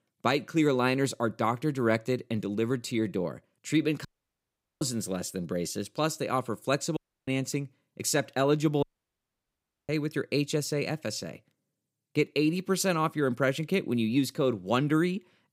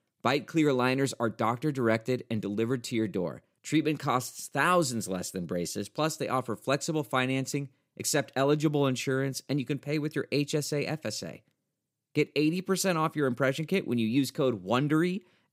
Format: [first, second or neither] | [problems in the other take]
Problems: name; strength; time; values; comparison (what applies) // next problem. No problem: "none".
second | audio cutting out; at 4 s for 1 s, at 7 s and at 9 s for 1 s